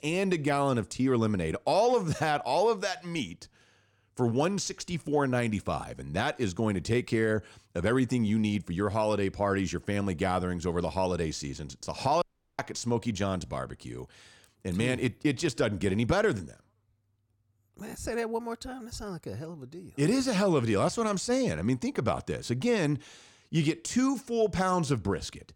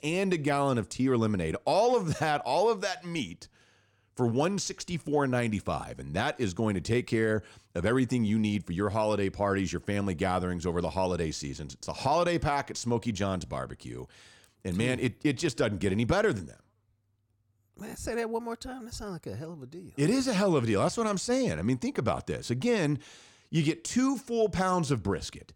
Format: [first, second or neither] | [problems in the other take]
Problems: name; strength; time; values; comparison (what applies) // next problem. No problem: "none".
second | audio cutting out; at 12 s